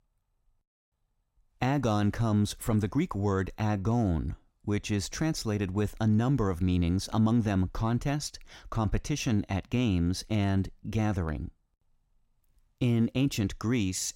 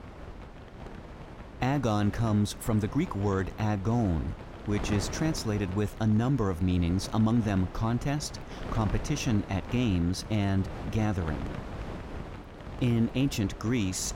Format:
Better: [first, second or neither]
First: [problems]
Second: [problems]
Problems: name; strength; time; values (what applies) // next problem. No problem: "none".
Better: first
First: none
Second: wind noise on the microphone; occasional gusts; 10 dB below the speech